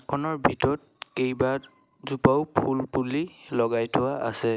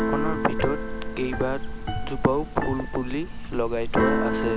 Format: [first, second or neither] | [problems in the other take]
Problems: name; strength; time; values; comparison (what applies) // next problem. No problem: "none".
first | background sound (Keyboard (musical)); 1 dB above the speech